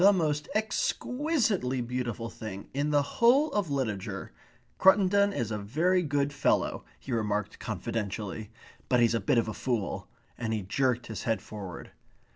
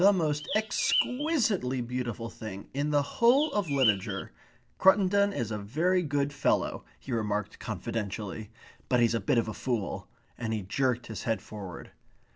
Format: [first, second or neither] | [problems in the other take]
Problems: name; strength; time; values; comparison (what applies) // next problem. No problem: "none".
first | background sound (Bird); 5 dB below the speech